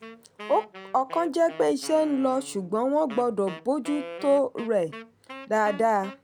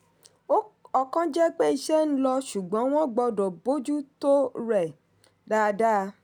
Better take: second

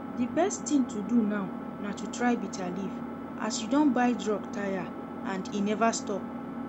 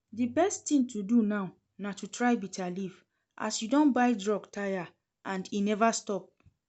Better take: second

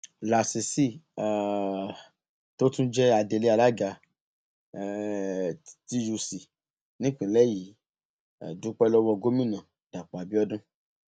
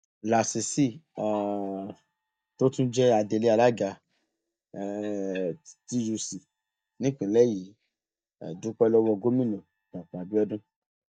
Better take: first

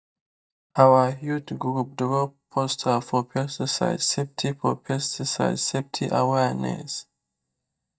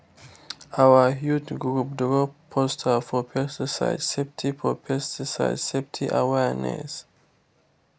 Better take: second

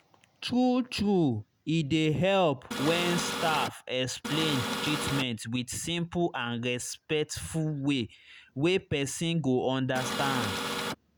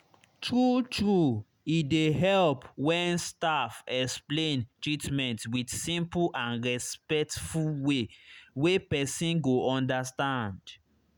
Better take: second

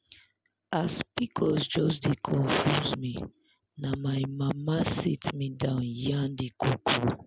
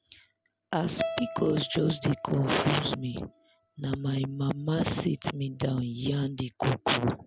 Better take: first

